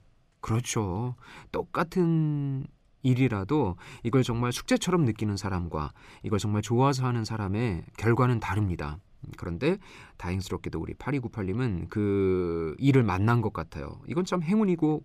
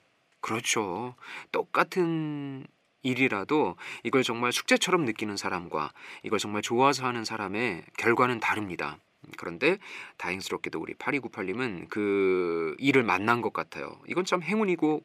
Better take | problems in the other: first | thin; somewhat; fading below 300 Hz

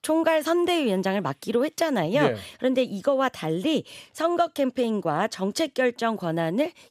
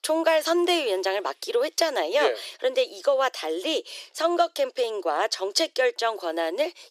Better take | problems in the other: first | thin; very; fading below 350 Hz

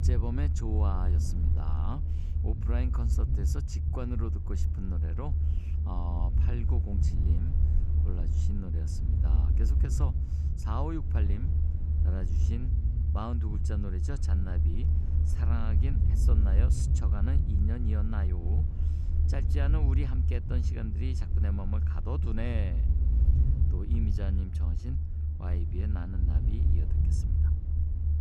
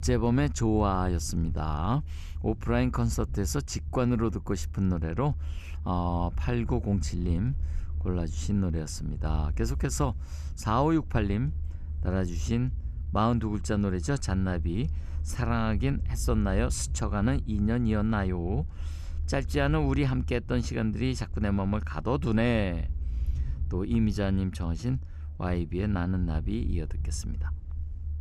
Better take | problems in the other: second | low rumble; loud; throughout; 2 dB below the speech; faint in the second

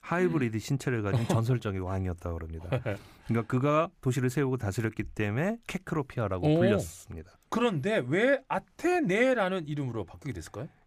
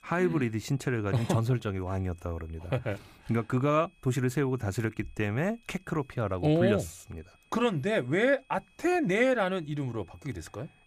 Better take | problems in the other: first | high-pitched whine; faint; throughout; 2.5 kHz, 35 dB below the speech

